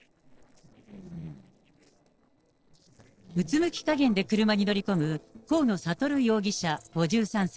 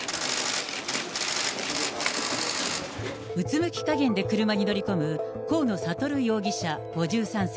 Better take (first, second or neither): second